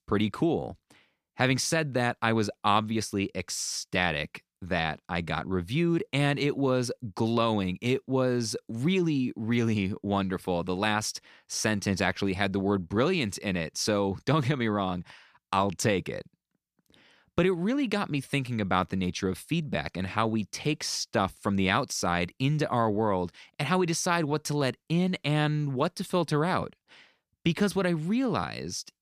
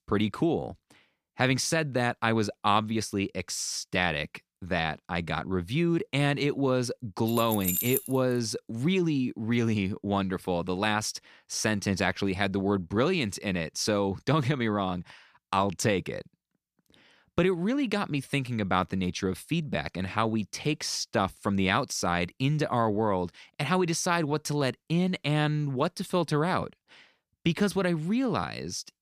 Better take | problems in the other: first | jangling keys; loud; at 7.5 s; peak 1 dB above the speech

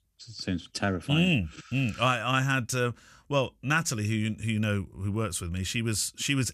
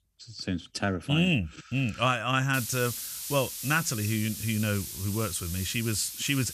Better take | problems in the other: first | hiss; loud; from 2.5 s on; 7 dB below the speech

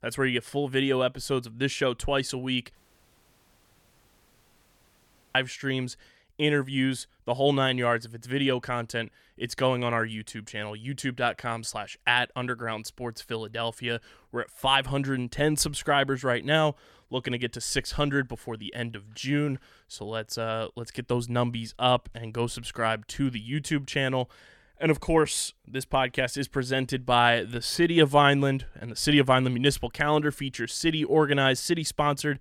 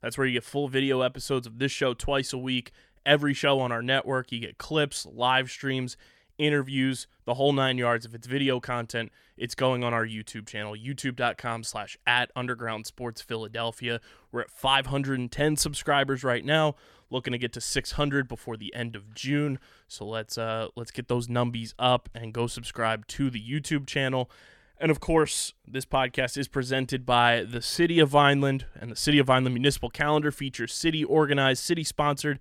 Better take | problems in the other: second | audio cutting out; at 3 s for 2.5 s

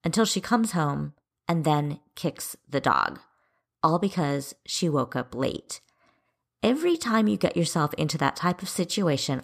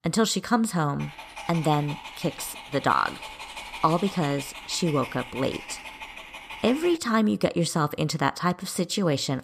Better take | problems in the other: first | dog barking; faint; from 1 to 7 s; peak 10 dB below the speech

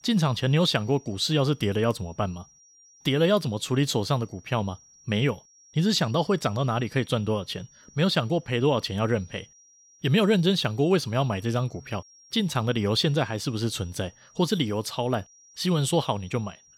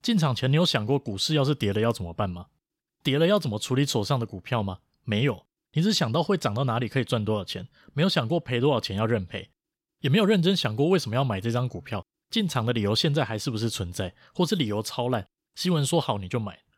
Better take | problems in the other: second | high-pitched whine; faint; throughout; 5.5 kHz, 25 dB below the speech

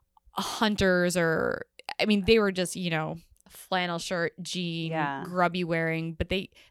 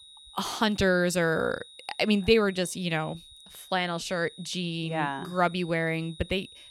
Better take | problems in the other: first | high-pitched whine; noticeable; throughout; 4 kHz, 20 dB below the speech

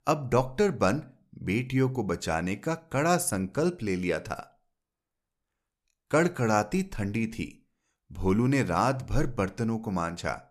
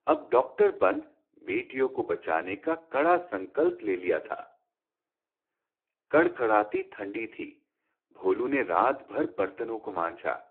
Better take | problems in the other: first | phone-call audio; poor line; nothing above 3.5 kHz

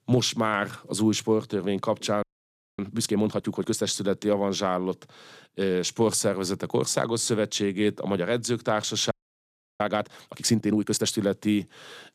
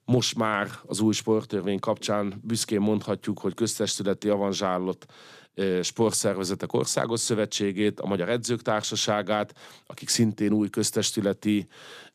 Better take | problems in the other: second | audio freezing; at 2 s for 0.5 s and at 9 s for 0.5 s

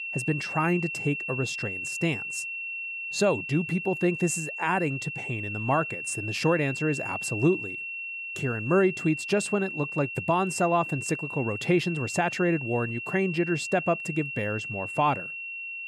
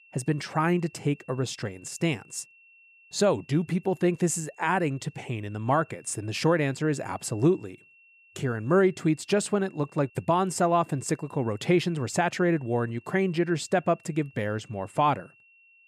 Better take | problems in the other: second | high-pitched whine; loud; throughout; 2.5 kHz, 5 dB below the speech; faint in the second

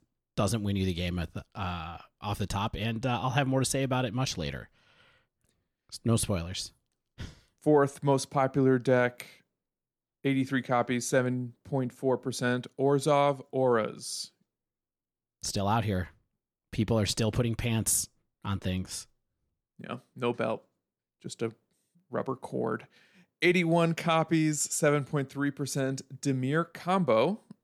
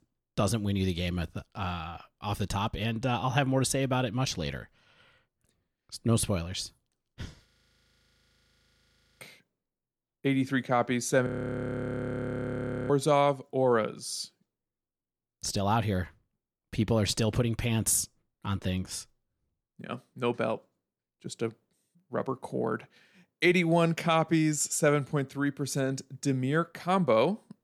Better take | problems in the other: first | audio freezing; at 7.5 s for 2 s and at 11 s for 1.5 s

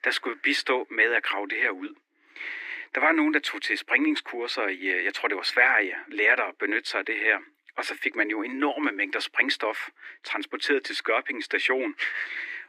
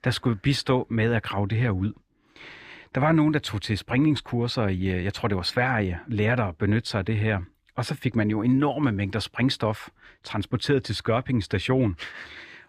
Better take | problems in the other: second | thin; very; fading below 300 Hz

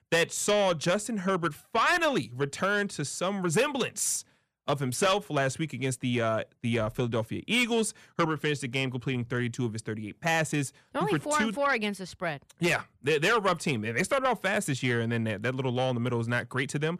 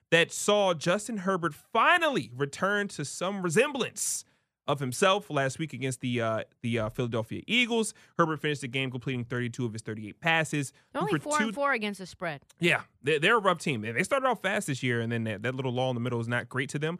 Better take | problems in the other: second | distortion; slight; 10 dB below the speech

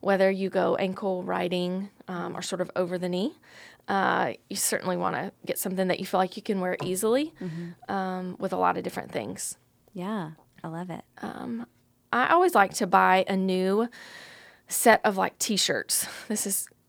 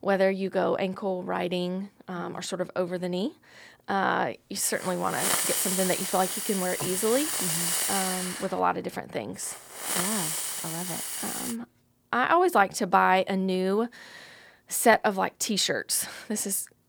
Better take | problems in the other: first | hiss; loud; from 4.5 to 12 s; as loud as the speech

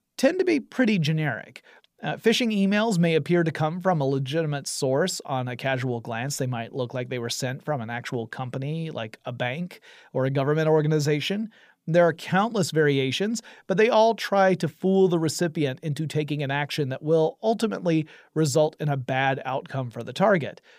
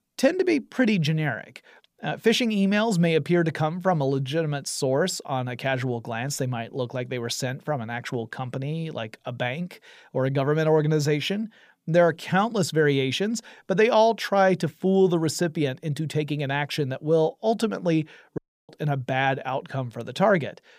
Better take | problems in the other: first | audio cutting out; at 18 s

